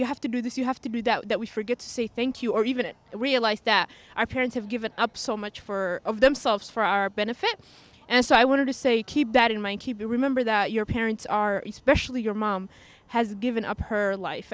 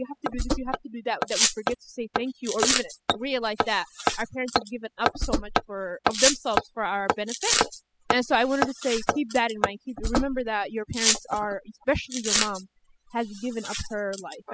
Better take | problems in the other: first | noise reduction (classical method spectral subtraction)

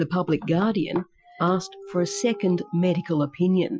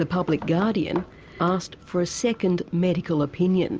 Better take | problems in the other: second | noise reduction (classical method Wiener filter)

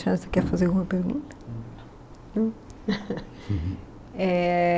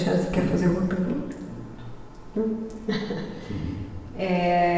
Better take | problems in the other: first | room echo; dies away in 1.2 s

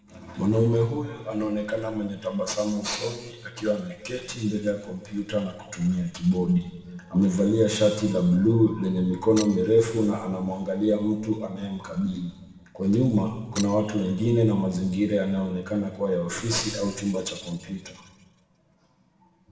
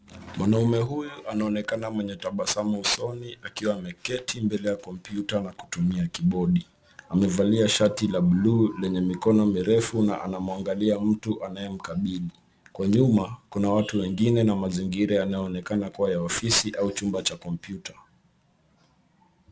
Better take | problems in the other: second | background sound (Shatter); 16 dB below the speech // room echo; dies away in 1.2 s

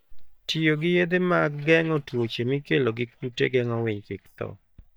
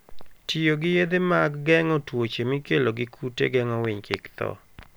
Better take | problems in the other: second | noise reduction (neural mask model DeepFilterNet 3)

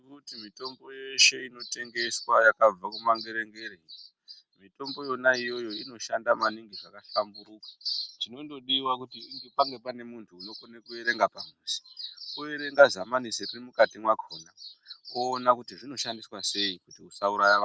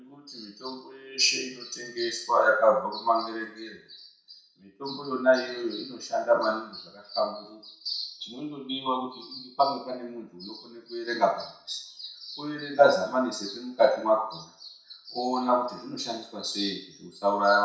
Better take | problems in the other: first | room echo; dies away in 0.6 s

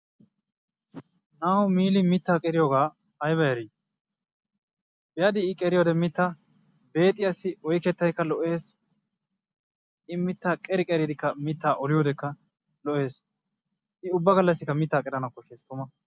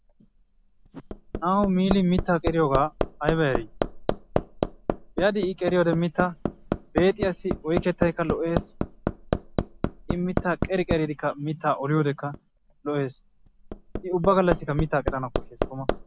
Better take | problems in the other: first | background sound (Hammer); 5 dB below the speech

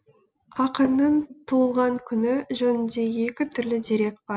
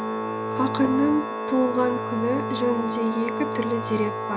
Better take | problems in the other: first | background sound (Organ); 3 dB below the speech

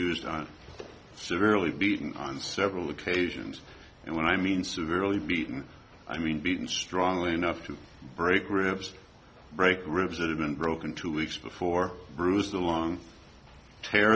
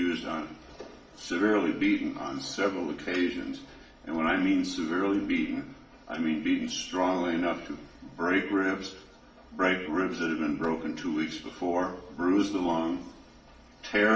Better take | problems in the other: first | room echo; dies away in 0.7 s

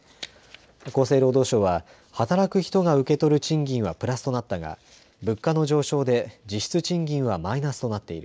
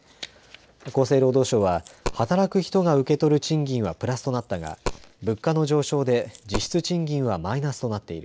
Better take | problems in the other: first | background sound (Coin (dropping)); 13 dB below the speech

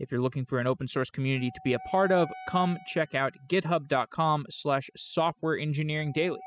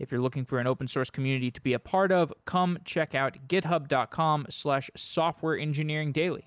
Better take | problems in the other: second | noise reduction (classical method spectral subtraction)

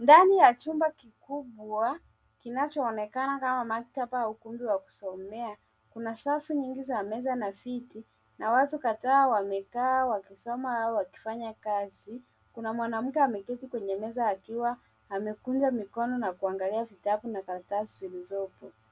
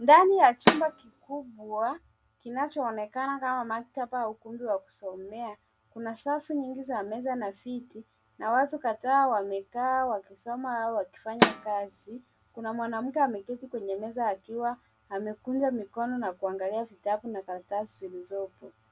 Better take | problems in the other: first | background sound (Snare drum); as loud as the speech

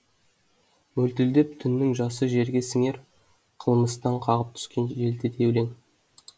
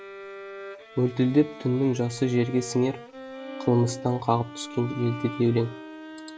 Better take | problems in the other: first | background sound (Bowed string instrument); 14 dB below the speech

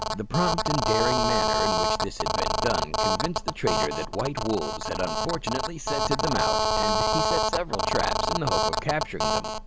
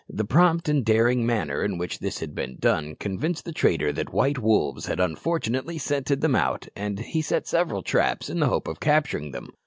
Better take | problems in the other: second | background sound (Telephone); 4 dB above the speech

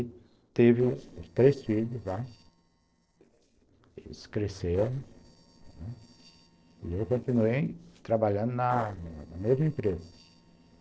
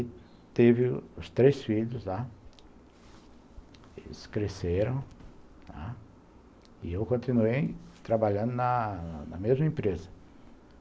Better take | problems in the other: second | noise reduction (neural separator model SepFormer DNS4)

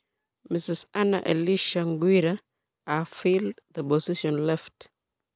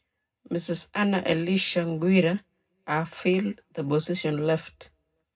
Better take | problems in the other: first | room echo; dies away in 0.3 s

